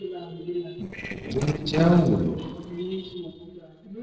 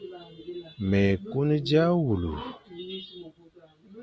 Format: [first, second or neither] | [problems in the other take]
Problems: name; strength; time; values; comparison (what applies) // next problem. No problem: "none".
second | noise reduction (neural separator model SepFormer DNS4)